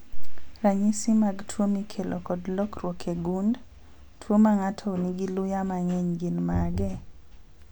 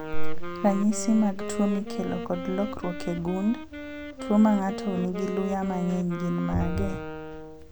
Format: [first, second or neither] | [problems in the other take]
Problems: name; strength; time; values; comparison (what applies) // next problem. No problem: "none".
first | background sound (Wind instrument, woodwind instrument); 10 dB below the speech